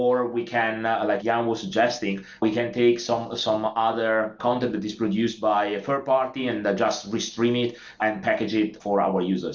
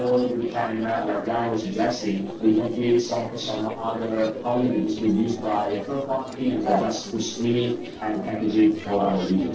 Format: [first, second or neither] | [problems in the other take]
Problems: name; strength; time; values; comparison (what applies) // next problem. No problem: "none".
first | noise reduction (neural separator model SepFormer DNS4)